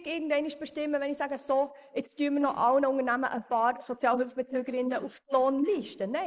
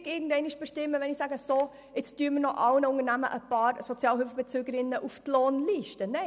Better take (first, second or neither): second